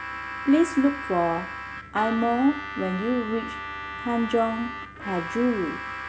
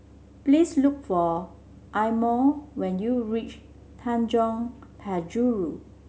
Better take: second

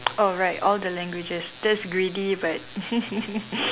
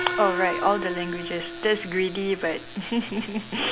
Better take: first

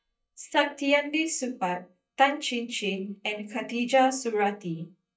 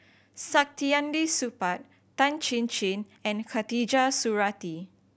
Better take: second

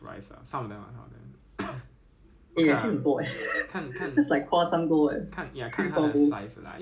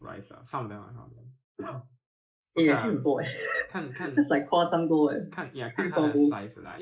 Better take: first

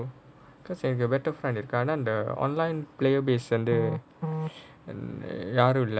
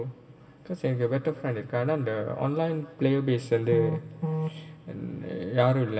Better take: first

